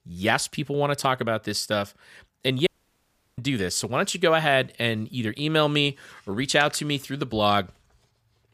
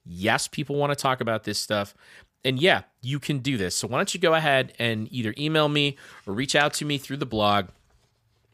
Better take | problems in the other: second | audio cutting out; at 2.5 s for 0.5 s

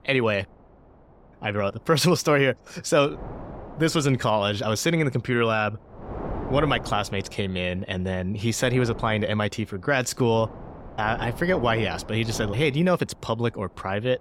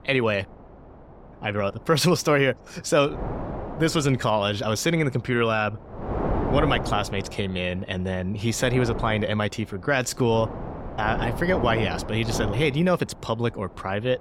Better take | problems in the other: first | wind noise on the microphone; heavy; 9 dB below the speech; occasional gusts in the first

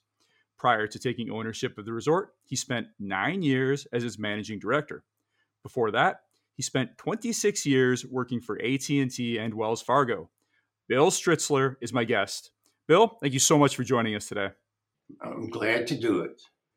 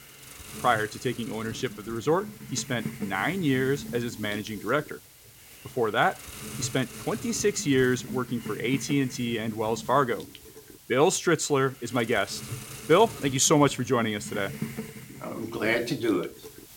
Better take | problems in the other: first | hiss; noticeable; throughout; 15 dB below the speech

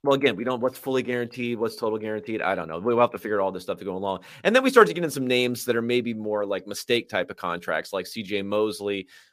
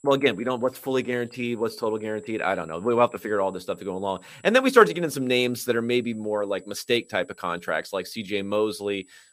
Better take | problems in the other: first | high-pitched whine; faint; throughout; 7.5 kHz, 30 dB below the speech

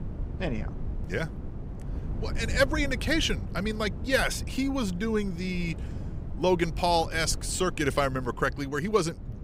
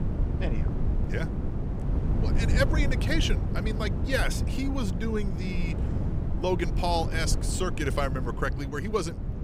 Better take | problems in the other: first | wind noise on the microphone; heavy; 8 dB below the speech; occasional gusts in the first

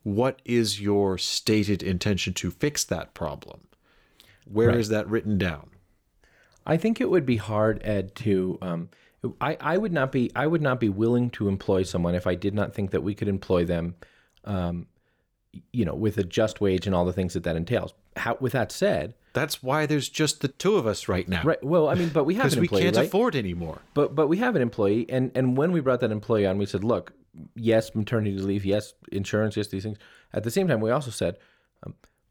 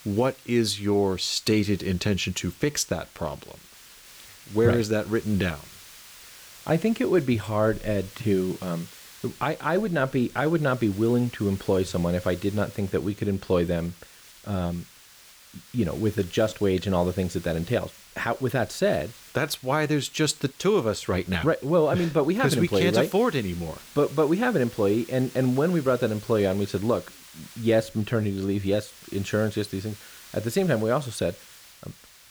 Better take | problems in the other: first | hiss; faint; throughout; 20 dB below the speech

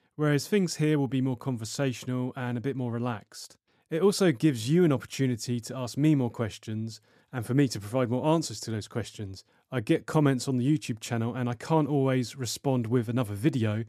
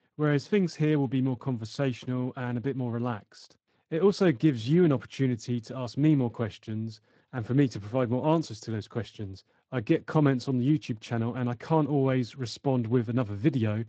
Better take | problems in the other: first | garbled, watery; slightly; nothing above 8 kHz

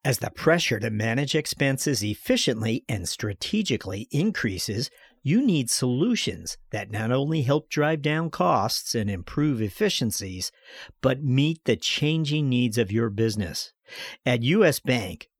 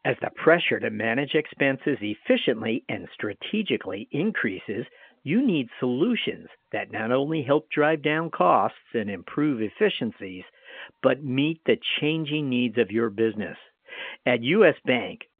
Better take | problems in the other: first | phone-call audio; nothing above 3.5 kHz

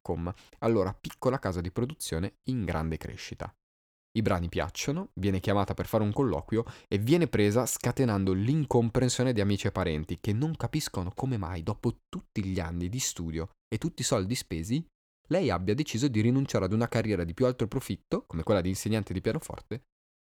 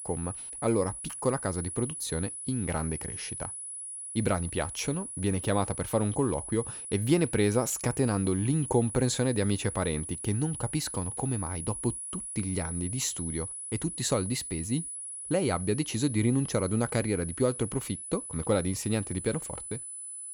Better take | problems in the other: first | high-pitched whine; loud; throughout; 10 kHz, 6 dB below the speech

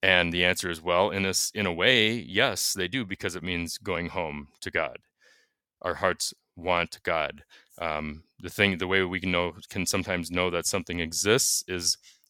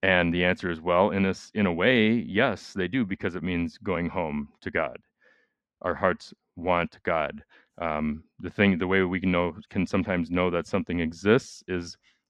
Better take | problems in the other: first | muffled; very; fading above 2 kHz

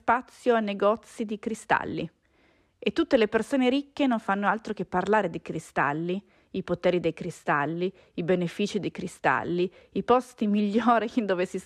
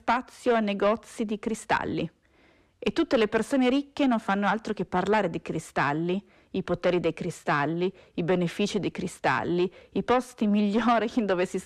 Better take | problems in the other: first | distortion; slight; 10 dB below the speech

